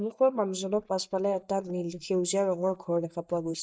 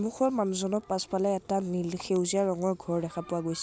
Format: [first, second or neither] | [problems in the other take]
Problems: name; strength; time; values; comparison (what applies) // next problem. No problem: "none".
second | noise reduction (neural mask model DeepFilterNet 3)